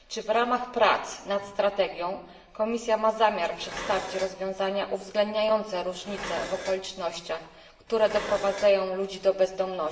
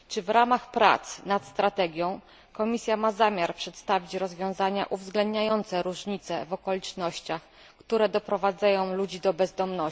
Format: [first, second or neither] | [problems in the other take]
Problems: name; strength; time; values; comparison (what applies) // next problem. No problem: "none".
second | background sound (Dishes, pots, and pans); 13 dB below the speech // room echo; dies away in 1 s